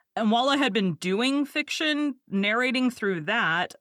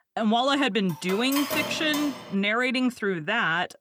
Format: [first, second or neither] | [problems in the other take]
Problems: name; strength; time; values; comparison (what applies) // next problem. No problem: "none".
first | clattering dishes; noticeable; from 1 to 2.5 s; peak 3 dB below the speech